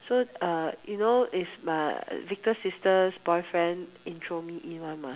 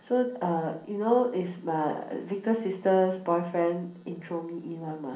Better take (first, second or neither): first